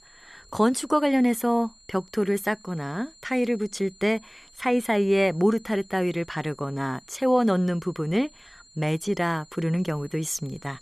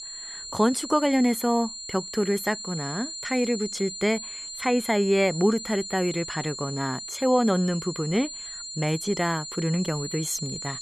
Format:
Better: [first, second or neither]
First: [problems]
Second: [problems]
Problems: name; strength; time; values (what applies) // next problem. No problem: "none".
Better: first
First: high-pitched whine; faint; throughout; 4 kHz, 25 dB below the speech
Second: high-pitched whine; loud; throughout; 4 kHz, 8 dB below the speech